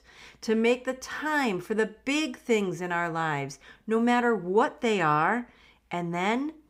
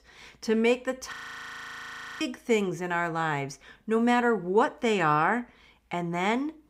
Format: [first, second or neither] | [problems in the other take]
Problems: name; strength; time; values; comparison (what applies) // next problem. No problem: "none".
first | audio freezing; at 1 s for 1 s